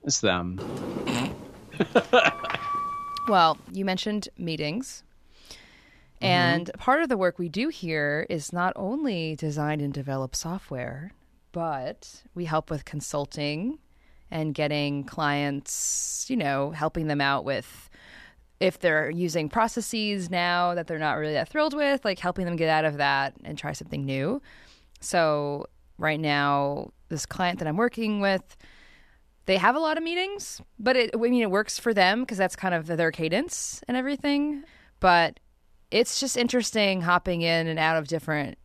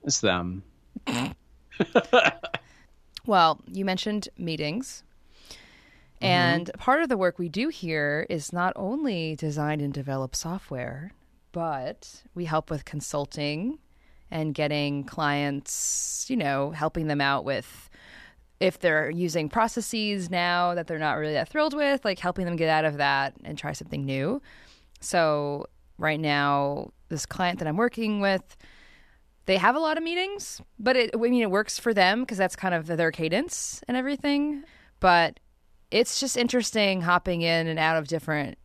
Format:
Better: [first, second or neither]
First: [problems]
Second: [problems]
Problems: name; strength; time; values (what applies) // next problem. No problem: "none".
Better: second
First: door banging; noticeable; from 0.5 to 3.5 s; peak 3 dB below the speech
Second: none